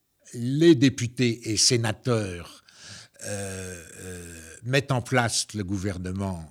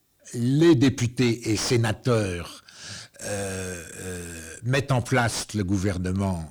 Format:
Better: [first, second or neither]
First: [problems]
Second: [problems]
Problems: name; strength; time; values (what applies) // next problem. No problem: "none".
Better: first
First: none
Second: distortion; heavy; 7 dB below the speech